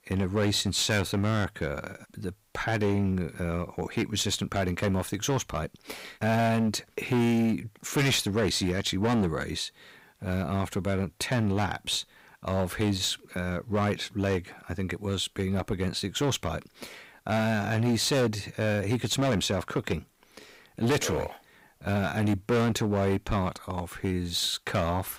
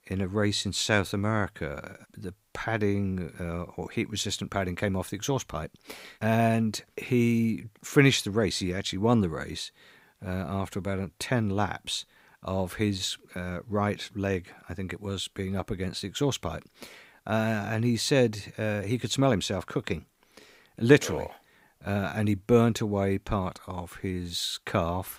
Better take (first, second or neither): second